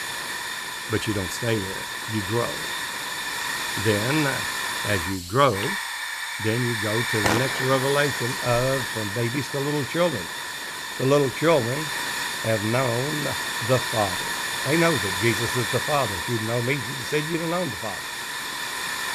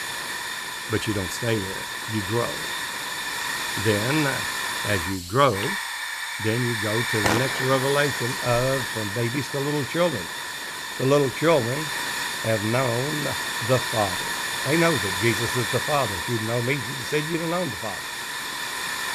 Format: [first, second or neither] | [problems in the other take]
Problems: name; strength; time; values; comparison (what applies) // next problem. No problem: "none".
neither | hiss; loud; throughout; 2 dB below the speech; the same in both